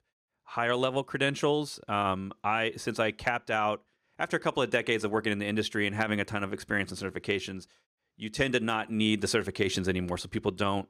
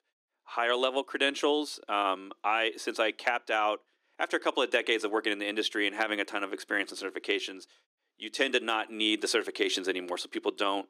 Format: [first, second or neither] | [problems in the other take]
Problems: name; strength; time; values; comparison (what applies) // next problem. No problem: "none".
first | thin; somewhat; fading below 300 Hz